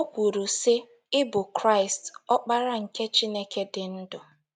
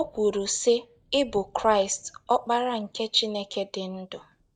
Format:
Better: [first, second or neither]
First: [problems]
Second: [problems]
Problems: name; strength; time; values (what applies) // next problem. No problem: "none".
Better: first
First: none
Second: noise reduction (neural mask model DeepFilterNet 3)